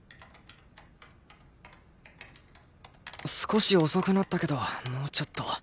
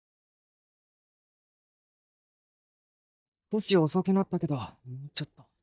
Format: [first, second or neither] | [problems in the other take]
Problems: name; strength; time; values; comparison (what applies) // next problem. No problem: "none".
first | noise reduction (neural mask model DeepFilterNet 3)